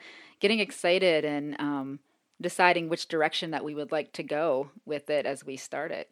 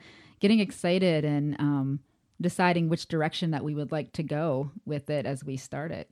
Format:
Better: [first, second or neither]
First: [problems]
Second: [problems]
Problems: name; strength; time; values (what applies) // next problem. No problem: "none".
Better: second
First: thin; somewhat; fading below 450 Hz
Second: none